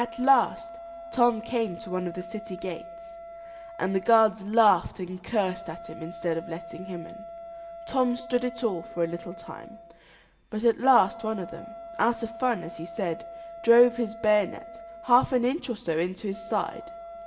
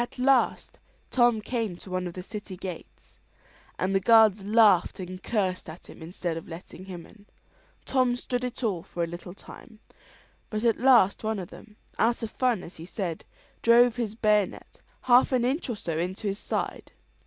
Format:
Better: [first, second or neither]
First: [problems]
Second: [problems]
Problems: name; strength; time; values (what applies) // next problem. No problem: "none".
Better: second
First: background sound (Wind instrument, woodwind instrument); 15 dB below the speech // room echo; dies away in 1 s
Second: none